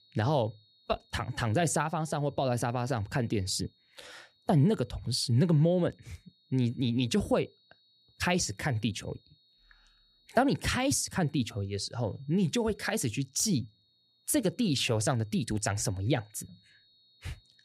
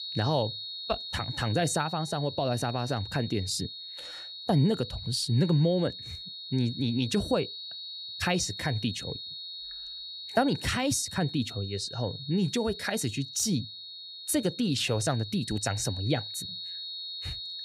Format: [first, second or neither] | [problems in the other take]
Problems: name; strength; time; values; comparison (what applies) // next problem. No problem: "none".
first | high-pitched whine; loud; throughout; 4 kHz, 9 dB below the speech; faint in the first